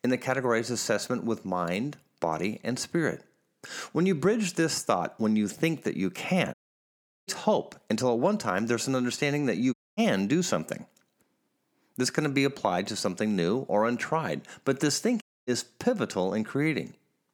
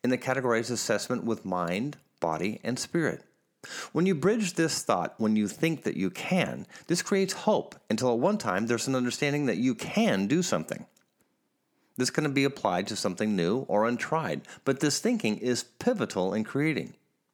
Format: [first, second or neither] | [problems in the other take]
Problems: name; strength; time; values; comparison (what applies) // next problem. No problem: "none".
second | audio cutting out; at 6.5 s for 0.5 s, at 9.5 s and at 15 s